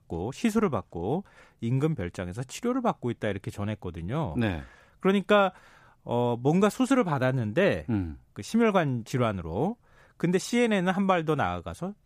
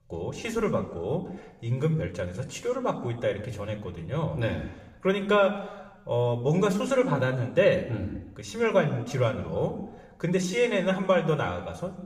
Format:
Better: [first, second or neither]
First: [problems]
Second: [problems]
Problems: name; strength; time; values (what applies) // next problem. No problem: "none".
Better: first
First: none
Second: room echo; slight; dies away in 0.8 s // off-mic speech; somewhat distant